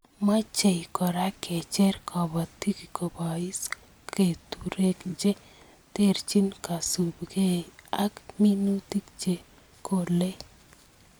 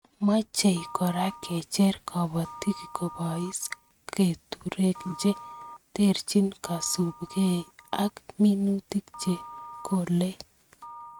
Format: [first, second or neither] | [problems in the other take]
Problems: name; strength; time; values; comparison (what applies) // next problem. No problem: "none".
first | noise reduction (neural mask model RNNoise)